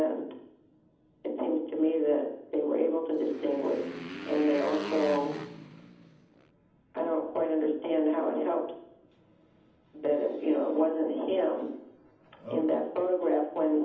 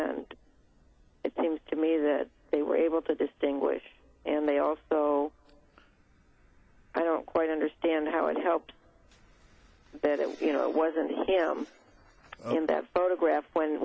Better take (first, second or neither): second